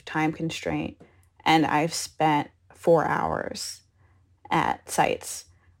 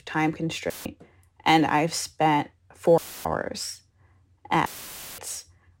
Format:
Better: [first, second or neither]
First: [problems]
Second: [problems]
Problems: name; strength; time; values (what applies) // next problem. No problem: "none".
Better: first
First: none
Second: audio cutting out; filled with static; at 0.5 s, at 3 s and at 4.5 s for 0.5 s